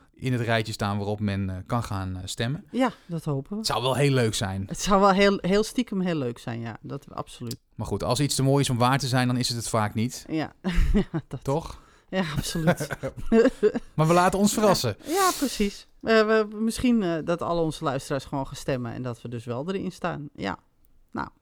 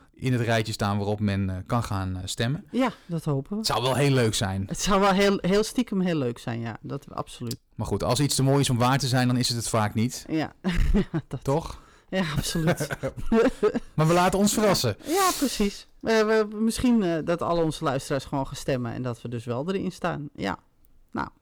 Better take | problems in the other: first | distortion; slight; 5% of the sound clipped

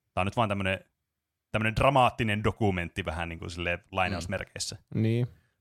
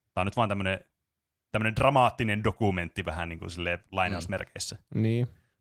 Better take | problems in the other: first | garbled, watery; slightly; nothing above 17.5 kHz

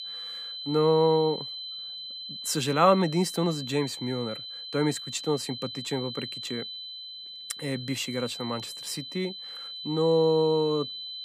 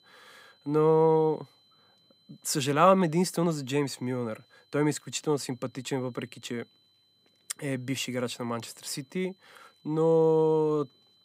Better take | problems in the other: second | high-pitched whine; loud; throughout; 4 kHz, 9 dB below the speech; faint in the second

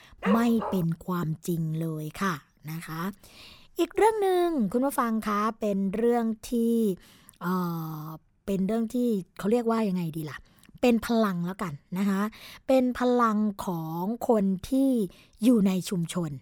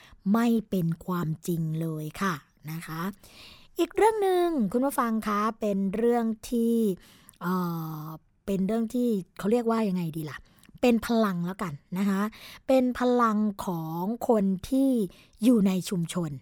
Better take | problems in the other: second | dog barking; noticeable; at the start; peak 4 dB below the speech

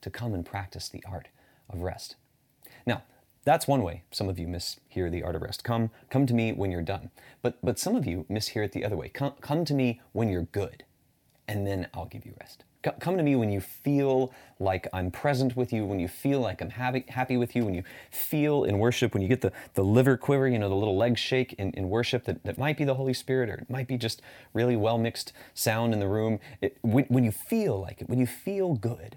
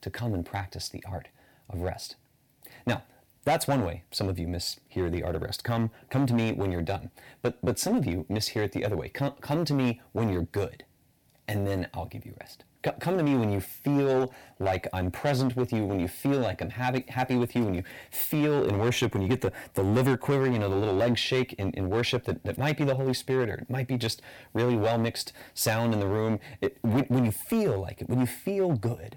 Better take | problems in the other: first | distortion; slight; 6% of the sound clipped

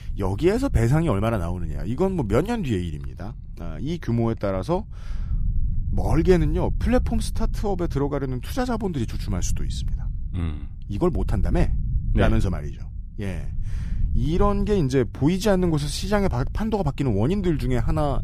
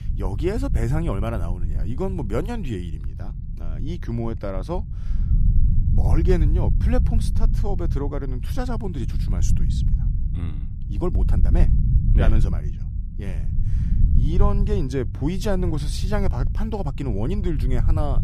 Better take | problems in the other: first | low rumble; loud; throughout; 9 dB below the speech; faint in the first

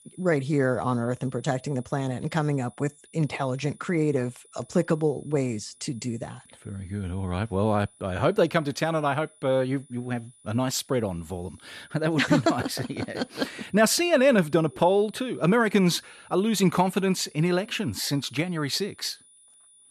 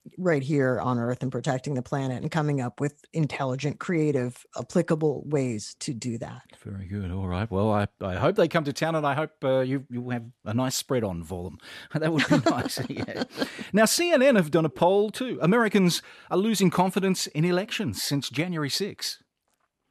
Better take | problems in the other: second | high-pitched whine; faint; throughout; 9.5 kHz, 30 dB below the speech

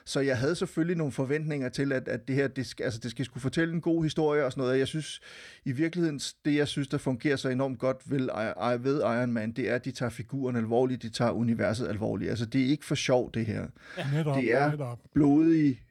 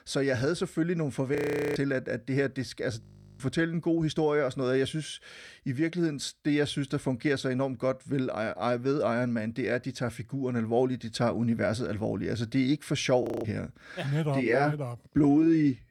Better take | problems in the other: first | audio freezing; at 1.5 s, at 3 s and at 13 s

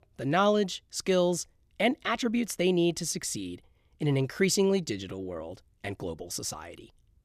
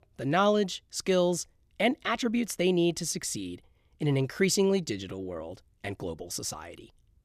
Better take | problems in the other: neither | none

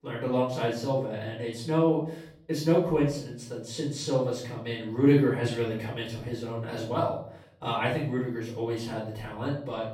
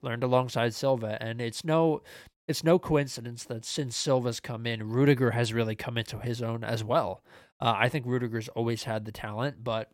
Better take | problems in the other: second | off-mic speech; far // room echo; noticeable; dies away in 0.5 s

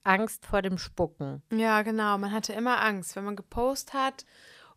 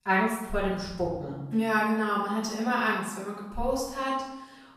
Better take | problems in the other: first | off-mic speech; far // room echo; noticeable; dies away in 0.8 s

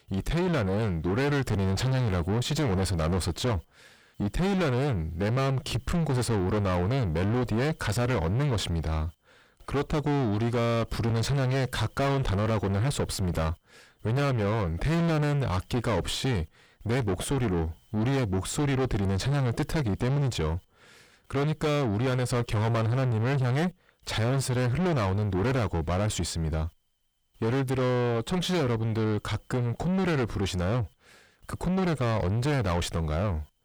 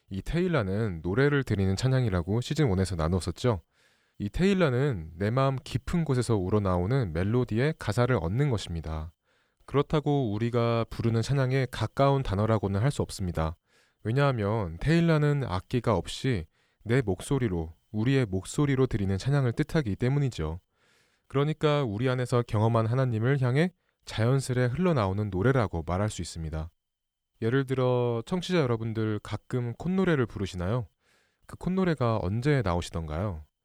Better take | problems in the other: second | distortion; heavy; 5 dB below the speech

